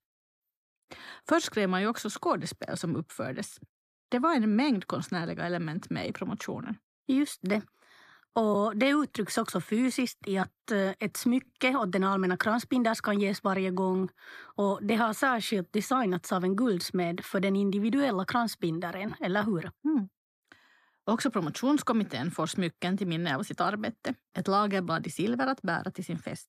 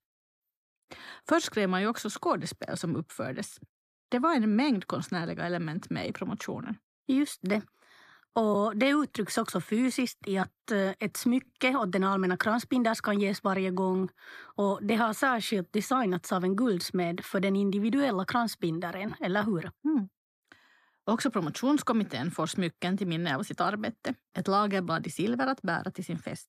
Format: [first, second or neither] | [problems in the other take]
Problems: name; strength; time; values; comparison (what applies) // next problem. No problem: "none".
neither | none